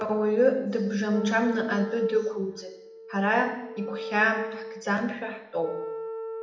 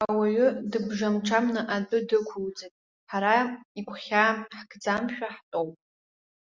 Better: second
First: background sound (Wind instrument, woodwind instrument); 10 dB below the speech // room echo; dies away in 0.8 s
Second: none

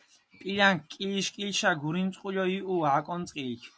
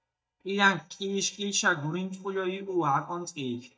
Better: first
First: none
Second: noise reduction (neural mask model DeepFilterNet 3)

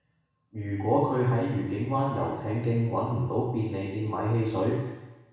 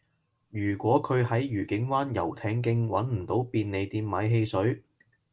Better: second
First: room echo; dies away in 1.1 s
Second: none

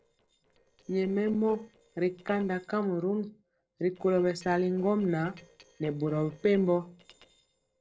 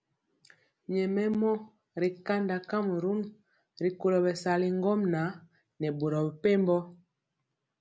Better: second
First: noise reduction (neural separator model SepFormer DNS4)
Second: none

